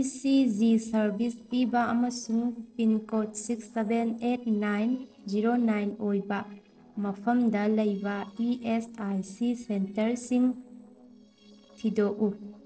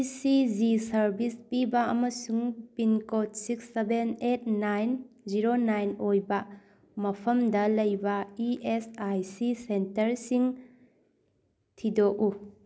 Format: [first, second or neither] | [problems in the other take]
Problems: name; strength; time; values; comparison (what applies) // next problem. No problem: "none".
second | noise reduction (neural separator model SepFormer DNS4)